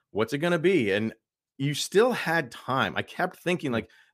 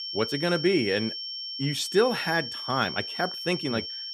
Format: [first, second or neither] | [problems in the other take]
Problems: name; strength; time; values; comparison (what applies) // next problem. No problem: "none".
first | high-pitched whine; loud; throughout; 5.5 kHz, 5 dB below the speech